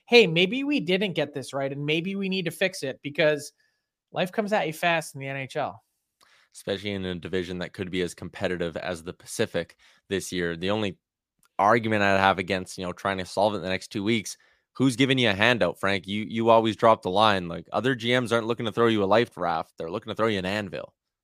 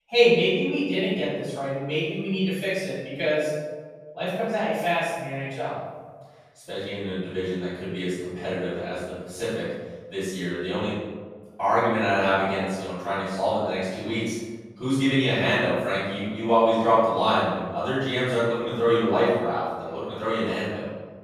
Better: first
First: none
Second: off-mic speech; far // room echo; strong; dies away in 1.2 s

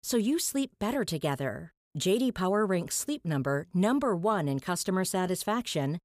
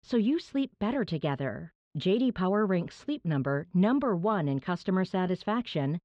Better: first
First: none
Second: muffled; slightly; fading above 3.5 kHz

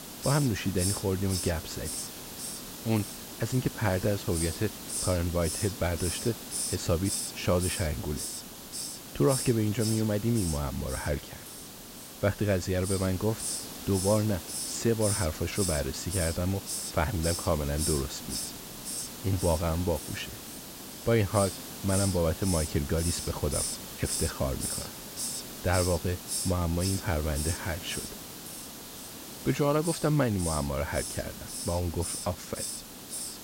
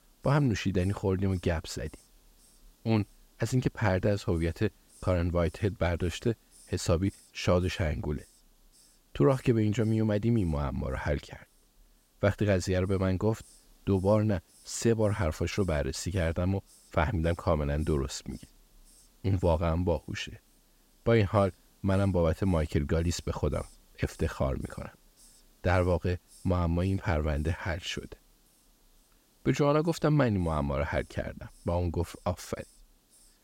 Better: second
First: hiss; loud; throughout; 5 dB below the speech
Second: hiss; faint; throughout; 30 dB below the speech

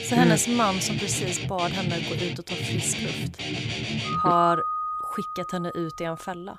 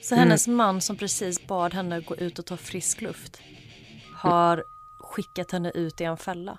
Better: second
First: background music; loud; throughout; 2 dB below the speech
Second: background music; faint; throughout; 20 dB below the speech

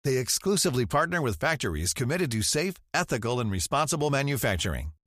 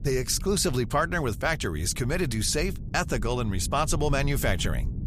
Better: first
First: none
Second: low rumble; faint; throughout; 20 dB below the speech

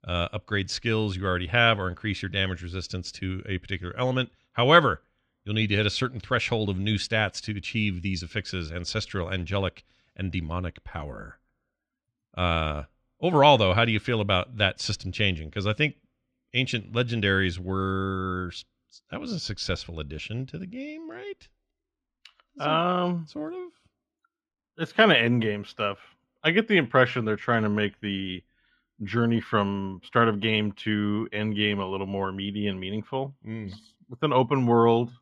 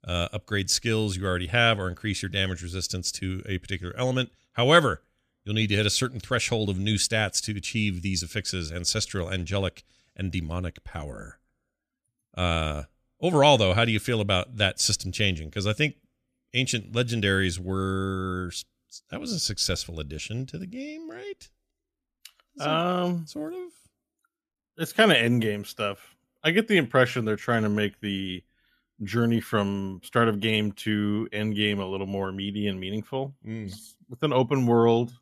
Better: second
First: muffled; slightly; fading above 3 kHz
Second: none

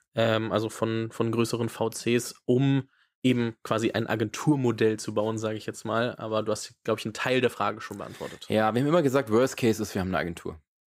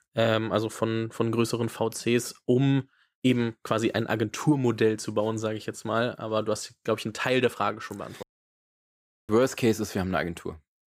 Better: first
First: none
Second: audio cutting out; at 8 s for 1 s

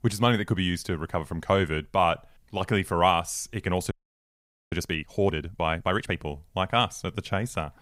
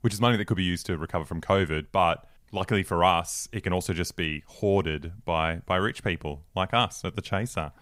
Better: second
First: audio freezing; at 4 s for 1 s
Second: none

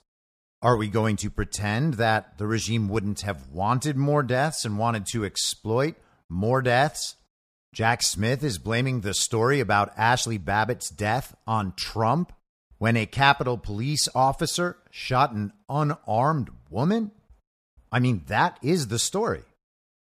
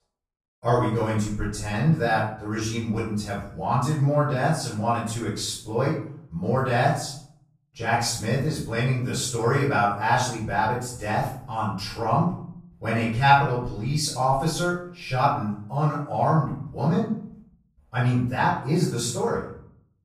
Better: first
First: none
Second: off-mic speech; far // room echo; noticeable; dies away in 0.5 s

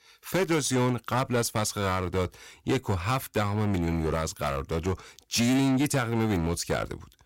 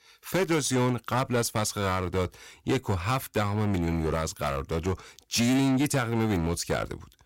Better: neither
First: distortion; slight; 11% of the sound clipped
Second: distortion; slight; 11% of the sound clipped

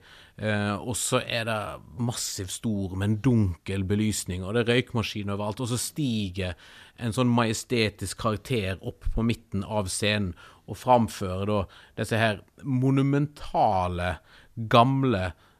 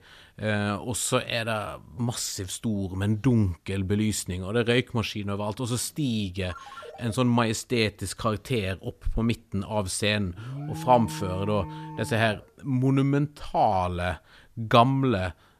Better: first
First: none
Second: phone ringing; faint; at 6.5 s; peak 15 dB below the speech // alarm; noticeable; from 10 to 12 s; peak 9 dB below the speech

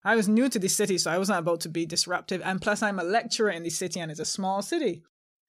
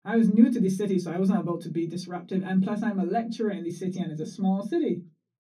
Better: first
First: none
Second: room echo; slight; dies away in 0.3 s // off-mic speech; far

